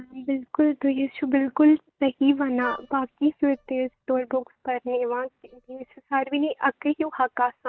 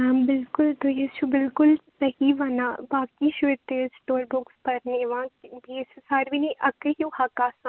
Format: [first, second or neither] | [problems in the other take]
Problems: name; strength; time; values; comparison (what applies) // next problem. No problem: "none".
second | noise reduction (neural mask model DeepFilterNet 3)